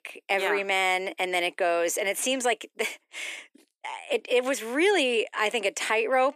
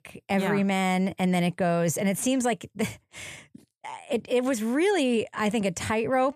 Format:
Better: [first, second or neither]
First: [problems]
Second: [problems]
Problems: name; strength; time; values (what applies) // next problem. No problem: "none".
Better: second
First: thin; somewhat; fading below 300 Hz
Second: none